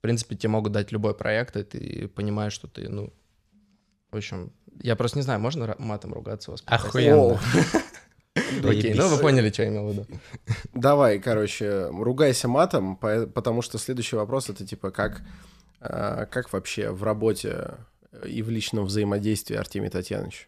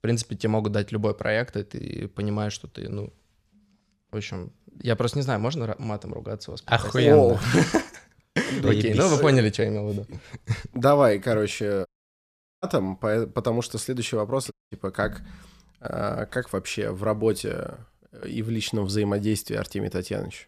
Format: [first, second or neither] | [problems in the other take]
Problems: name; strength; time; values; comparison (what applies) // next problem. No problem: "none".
first | audio cutting out; at 12 s for 1 s and at 15 s